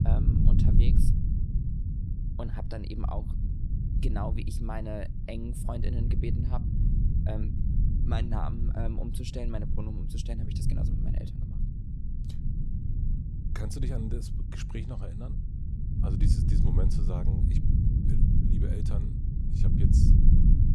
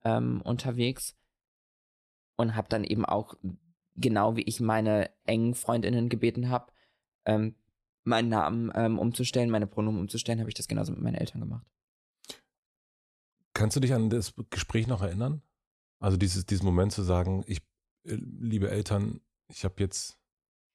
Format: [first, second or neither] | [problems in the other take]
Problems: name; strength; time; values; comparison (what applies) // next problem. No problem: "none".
second | low rumble; loud; throughout; as loud as the speech